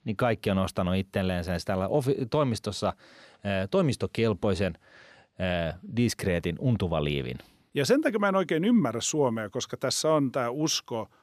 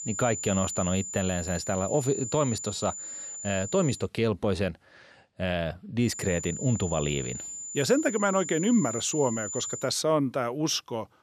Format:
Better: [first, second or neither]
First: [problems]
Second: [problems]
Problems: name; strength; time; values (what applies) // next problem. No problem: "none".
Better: first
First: none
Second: high-pitched whine; loud; until 4 s and from 6 to 10 s; 7 kHz, 7 dB below the speech